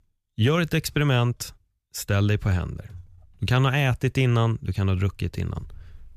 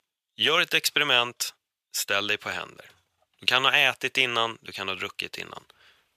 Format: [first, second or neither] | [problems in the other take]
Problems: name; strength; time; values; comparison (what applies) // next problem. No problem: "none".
first | thin; very; fading below 600 Hz